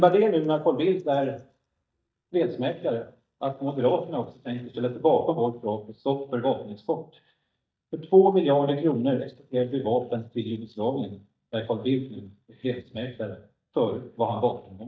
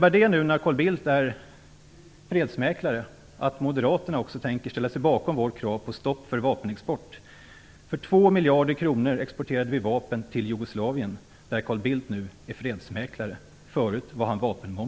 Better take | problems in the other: second | noise reduction (neural mask model DeepFilterNet 3)

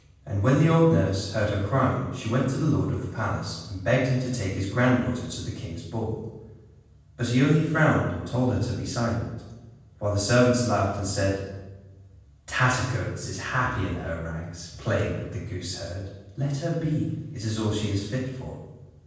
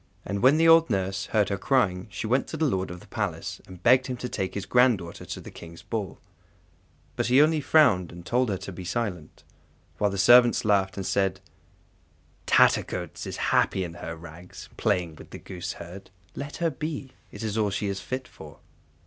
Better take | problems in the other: second | room echo; dies away in 1.2 s

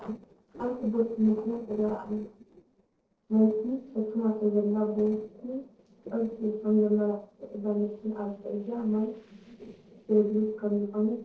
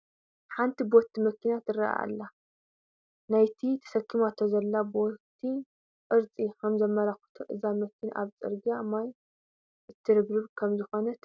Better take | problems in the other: second | noise reduction (neural separator model SepFormer DNS4)

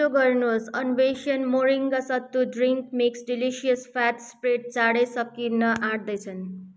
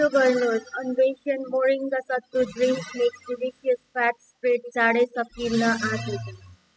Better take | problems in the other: first | noise reduction (classical method spectral subtraction)

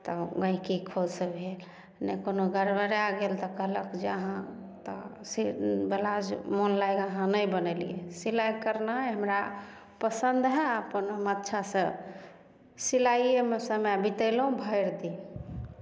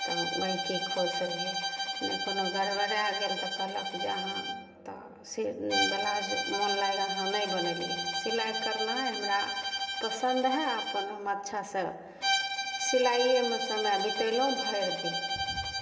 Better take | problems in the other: first | background sound (Bowed string instrument); 1 dB below the speech // room echo; dies away in 1.6 s

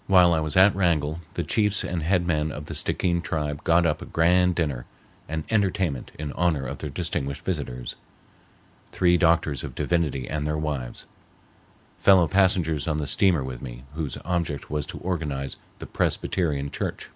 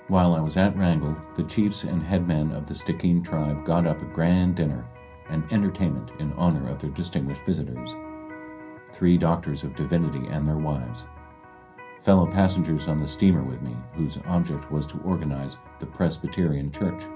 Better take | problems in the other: first | background sound (Electric guitar); 18 dB below the speech // room echo; dies away in 0.3 s

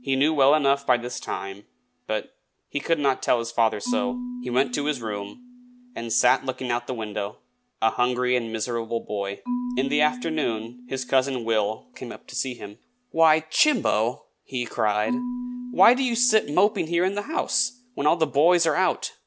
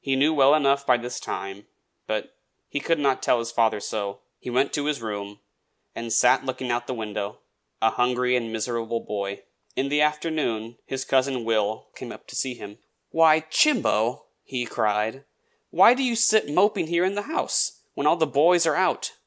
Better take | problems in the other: second | background sound (Marimba, xylophone / Wood); 13 dB below the speech

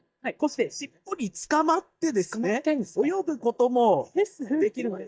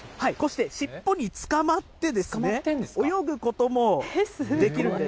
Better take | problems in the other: second | noise reduction (neural mask model DeepFilterNet 3)

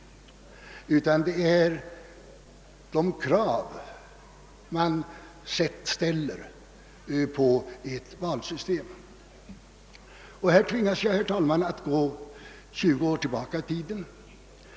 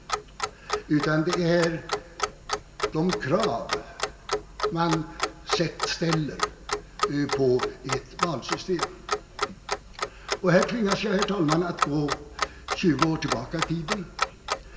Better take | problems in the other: first | background sound (Clock); 4 dB below the speech // room echo; dies away in 1.4 s

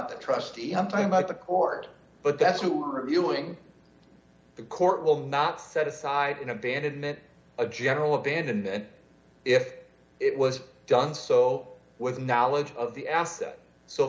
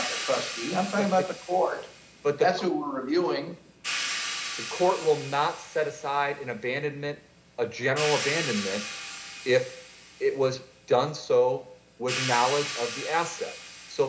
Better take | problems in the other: first | background sound (Hi-hat); 9 dB below the speech

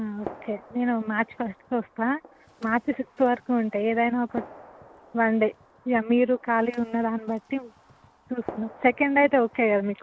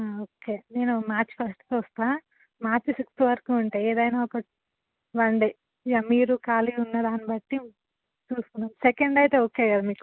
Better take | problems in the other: second | background sound (Gunshot, gunfire); 20 dB below the speech

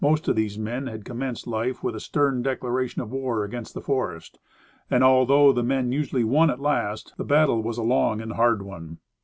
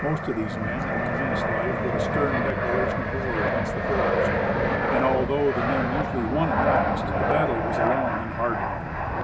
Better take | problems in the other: first | background sound (Fixed-wing aircraft, airplane); 4 dB above the speech

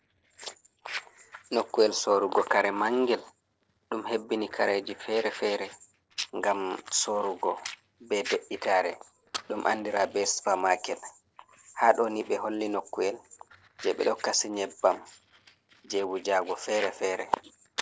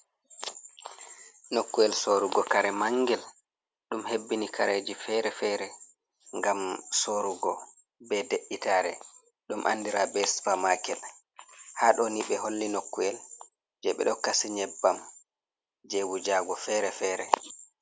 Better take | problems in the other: second | noise reduction (neural separator model SepFormer DNS4)

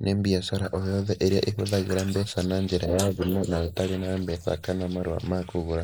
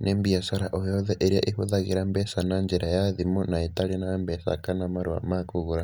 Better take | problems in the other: second | noise reduction (neural mask model Resemble Enhance denoiser)

